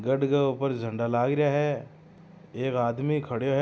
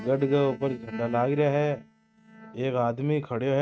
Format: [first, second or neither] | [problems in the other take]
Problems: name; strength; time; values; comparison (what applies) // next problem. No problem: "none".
first | noise reduction (neural mask model RNNoise)